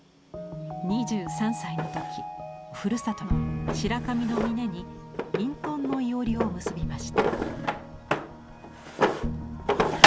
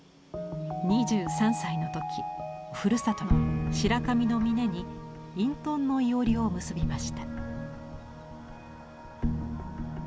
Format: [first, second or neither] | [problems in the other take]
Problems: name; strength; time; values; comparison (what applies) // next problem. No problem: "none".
second | background sound (Drawer open or close); 1 dB above the speech